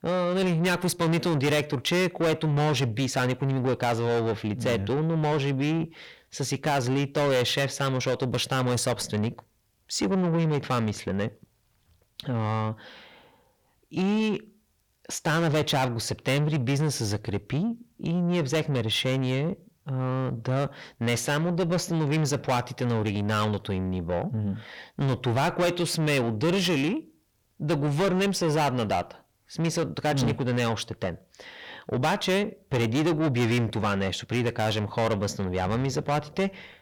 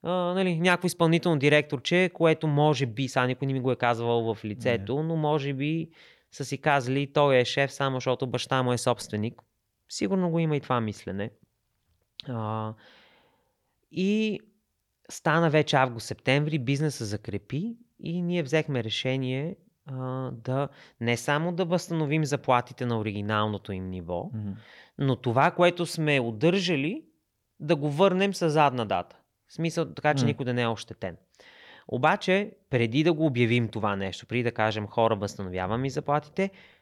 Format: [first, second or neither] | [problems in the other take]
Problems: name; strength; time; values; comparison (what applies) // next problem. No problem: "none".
second | distortion; heavy; 6 dB below the speech